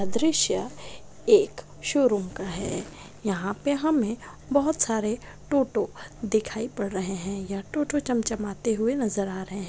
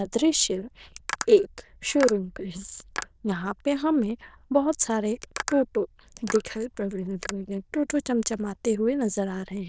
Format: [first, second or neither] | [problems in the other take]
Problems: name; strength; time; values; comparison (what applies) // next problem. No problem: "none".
first | noise reduction (neural diffusion model UNIVERSE++)